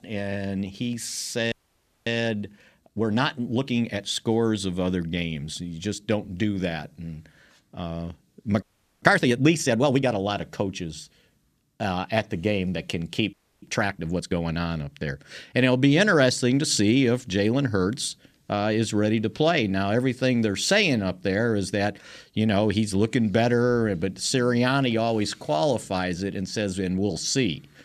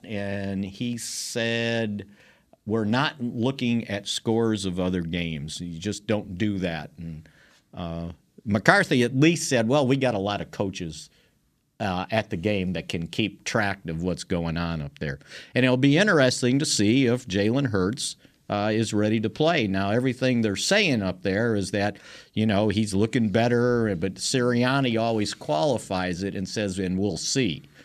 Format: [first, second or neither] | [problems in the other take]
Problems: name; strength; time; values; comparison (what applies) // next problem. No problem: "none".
second | audio freezing; at 1.5 s for 0.5 s, at 8.5 s and at 13 s